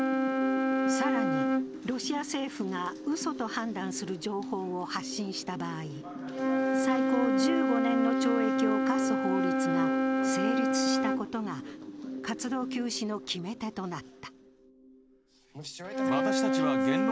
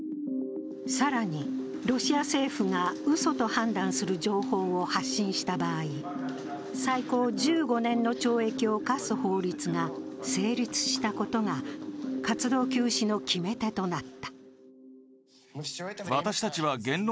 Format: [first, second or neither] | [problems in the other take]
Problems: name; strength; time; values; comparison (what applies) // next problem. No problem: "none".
second | background sound (Wind instrument, woodwind instrument); 4 dB above the speech